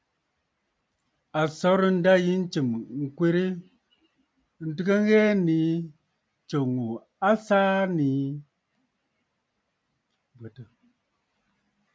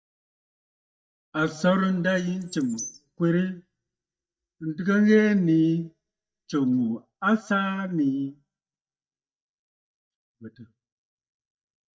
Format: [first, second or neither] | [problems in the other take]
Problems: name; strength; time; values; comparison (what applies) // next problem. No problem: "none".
first | noise reduction (neural mask model DeepFilterNet 3)